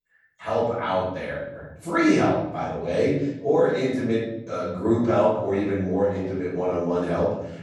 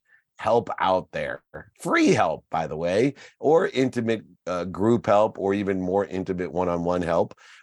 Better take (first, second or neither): second